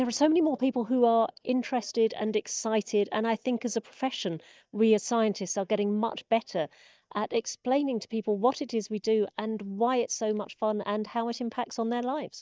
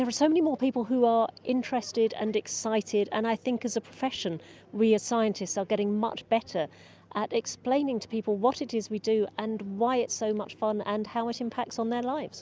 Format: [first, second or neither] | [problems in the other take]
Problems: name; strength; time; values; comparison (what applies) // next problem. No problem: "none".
second | noise reduction (neural mask model DeepFilterNet 3)